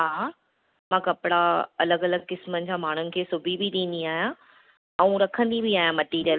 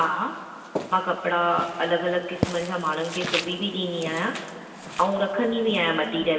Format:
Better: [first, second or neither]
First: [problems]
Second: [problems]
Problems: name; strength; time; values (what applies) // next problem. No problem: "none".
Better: first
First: none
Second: background sound (Walk, footsteps); 10 dB below the speech // room echo; dies away in 2.4 s